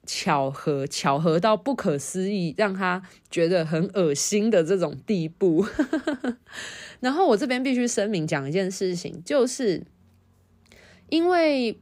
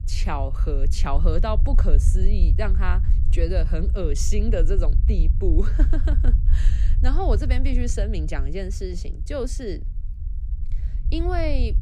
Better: first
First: none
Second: low rumble; noticeable; throughout; 15 dB below the speech

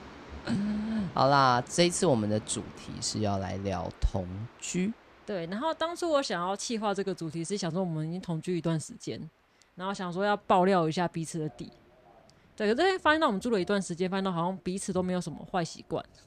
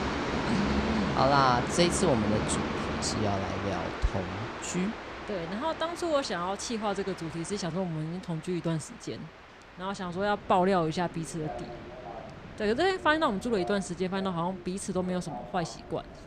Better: first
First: train or aircraft noise; faint; throughout; 20 dB below the speech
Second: train or aircraft noise; loud; throughout; 5 dB below the speech

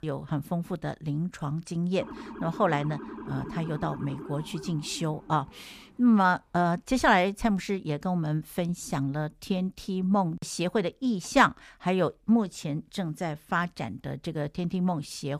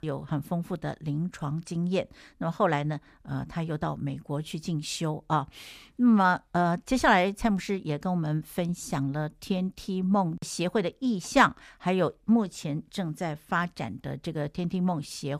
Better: second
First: siren; faint; from 2 to 6 s; peak 10 dB below the speech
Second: none

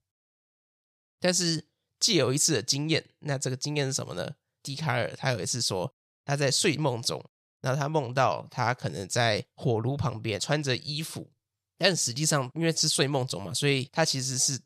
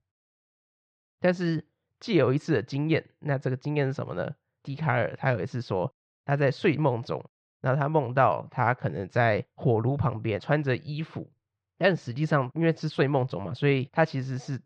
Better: first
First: none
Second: muffled; very; fading above 2 kHz

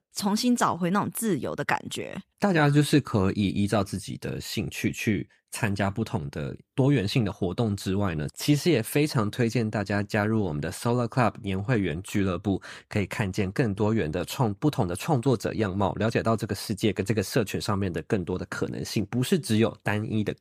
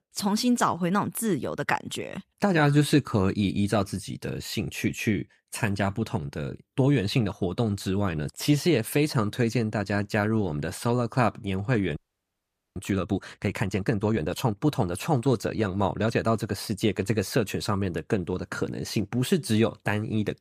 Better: first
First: none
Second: audio freezing; at 12 s for 1 s

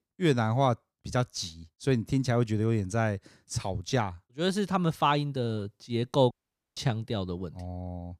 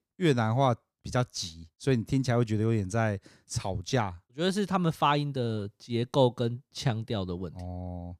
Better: second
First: audio cutting out; at 6.5 s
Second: none

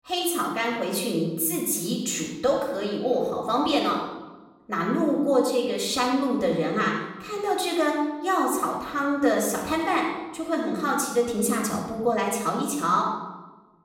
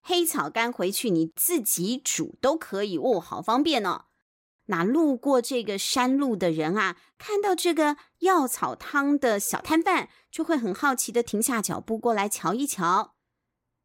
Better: second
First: off-mic speech; far // room echo; noticeable; dies away in 0.9 s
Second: none

